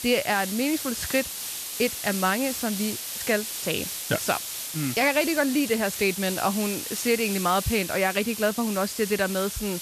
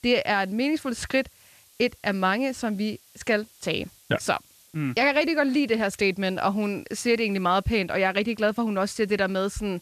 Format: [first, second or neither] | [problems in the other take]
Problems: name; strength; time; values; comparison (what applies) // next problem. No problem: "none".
second | hiss; loud; throughout; 5 dB below the speech; faint in the second